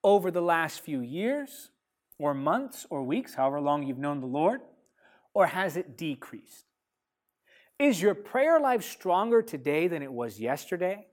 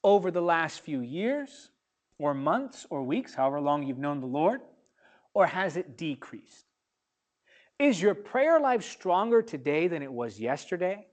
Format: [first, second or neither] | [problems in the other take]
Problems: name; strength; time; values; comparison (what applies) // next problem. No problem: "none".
first | garbled, watery; slightly; nothing above 8 kHz